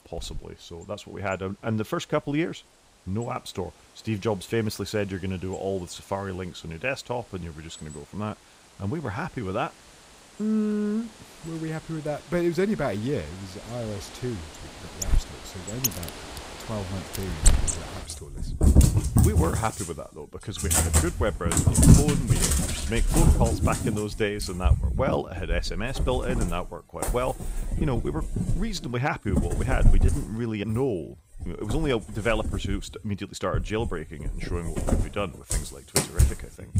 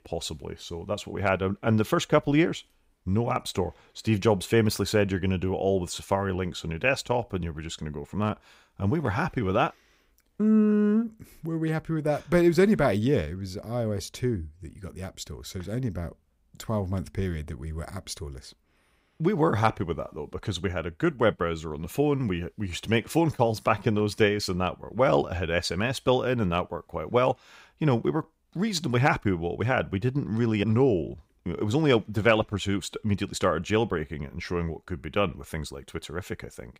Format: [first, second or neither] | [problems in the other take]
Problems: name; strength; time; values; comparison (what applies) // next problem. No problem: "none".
second | animal sounds; very loud; throughout; 4 dB above the speech